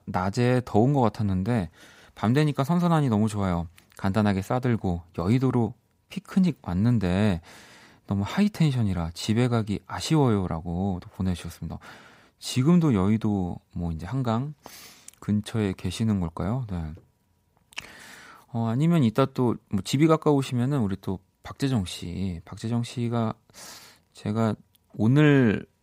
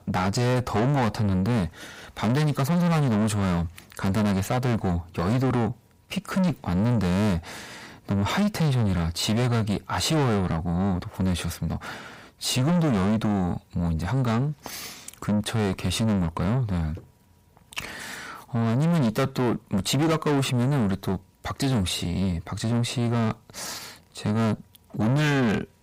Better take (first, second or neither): first